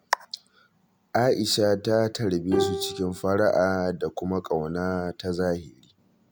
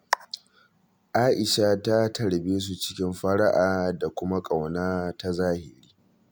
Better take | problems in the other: second | background sound (Bowed string instrument); 8 dB below the speech

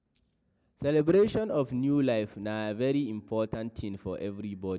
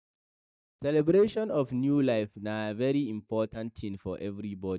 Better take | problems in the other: first | noise reduction (neural mask model DeepFilterNet 3)

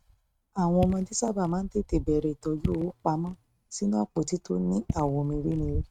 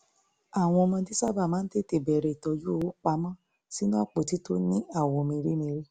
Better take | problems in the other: second | noise reduction (neural mask model RNNoise)

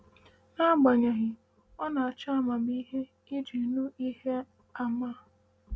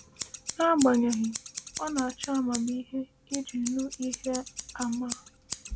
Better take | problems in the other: first | background sound (Scissors); 10 dB below the speech

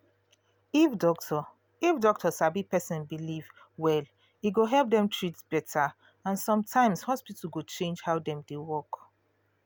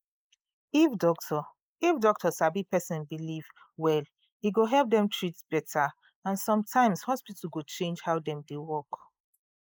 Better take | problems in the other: first | noise reduction (neural mask model Resemble Enhance denoiser)

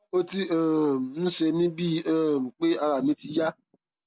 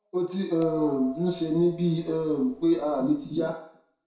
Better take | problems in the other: first | background sound (Bell); 17 dB below the speech // room echo; dies away in 0.6 s

